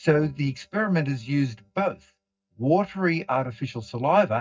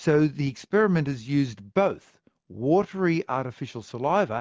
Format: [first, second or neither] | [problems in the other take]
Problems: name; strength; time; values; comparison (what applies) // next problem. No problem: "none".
second | noise reduction (neural mask model DeepFilterNet 3)